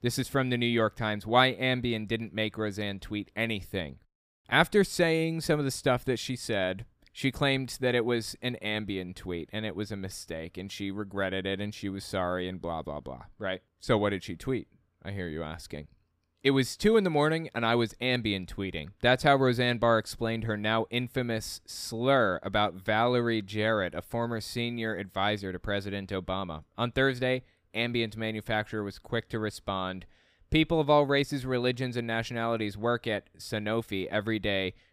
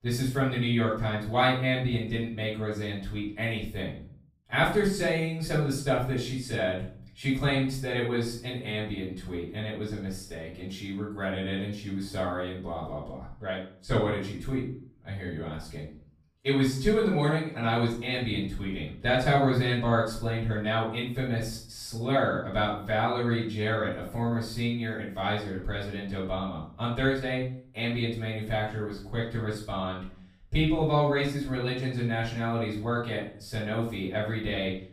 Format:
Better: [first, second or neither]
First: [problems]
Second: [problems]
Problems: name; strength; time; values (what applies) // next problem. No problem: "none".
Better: first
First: none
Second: off-mic speech; far // room echo; noticeable; dies away in 0.5 s